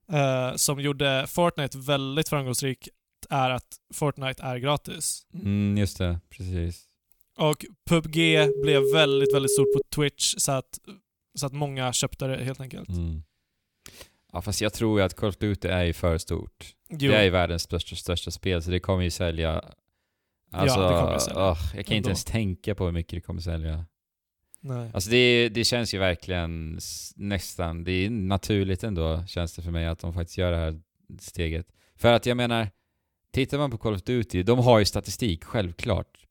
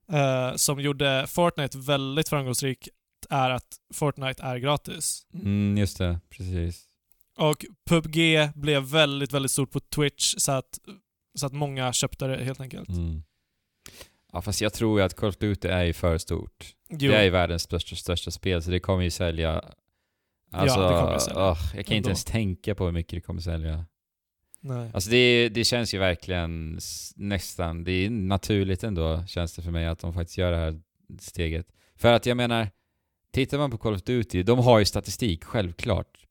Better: second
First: alarm; loud; from 8 to 10 s; peak 2 dB above the speech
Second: none

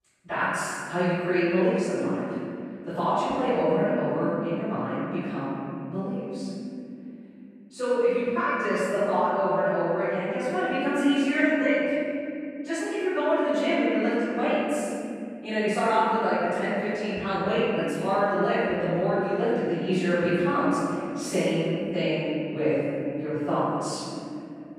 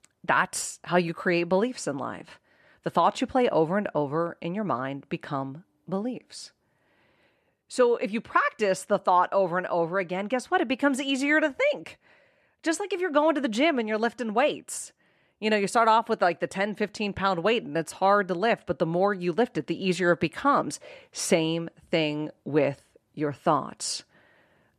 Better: second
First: room echo; strong; dies away in 3 s // off-mic speech; far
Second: none

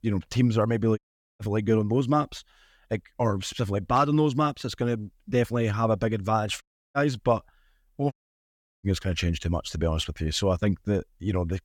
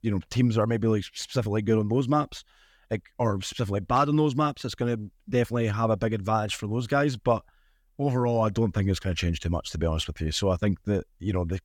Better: second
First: audio cutting out; at 1 s, at 6.5 s and at 8 s for 0.5 s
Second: none

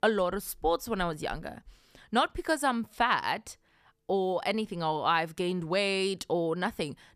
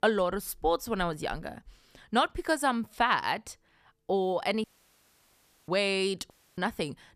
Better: first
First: none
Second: audio cutting out; at 4.5 s for 1 s and at 6.5 s

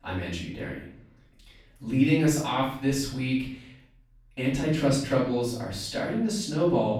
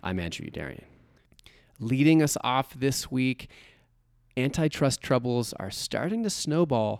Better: second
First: off-mic speech; far // room echo; noticeable; dies away in 0.5 s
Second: none

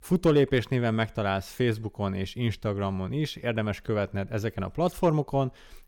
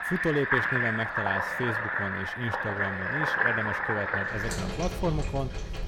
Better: first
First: none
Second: household noises; very loud; throughout; 4 dB above the speech

